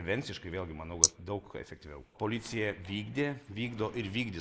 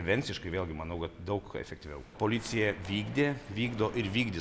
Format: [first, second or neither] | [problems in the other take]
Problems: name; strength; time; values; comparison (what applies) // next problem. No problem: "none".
second | noise reduction (neural mask model Resemble Enhance denoiser)